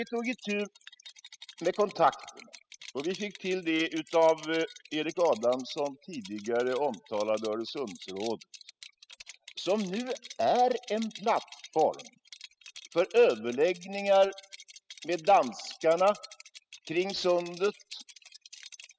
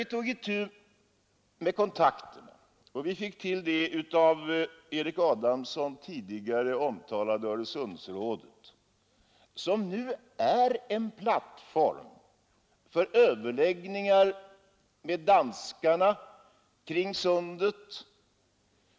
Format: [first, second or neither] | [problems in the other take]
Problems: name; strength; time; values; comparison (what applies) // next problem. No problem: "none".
second | noise reduction (classical method spectral subtraction)